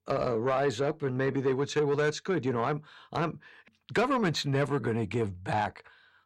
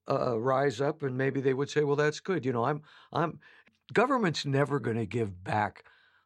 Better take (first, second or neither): second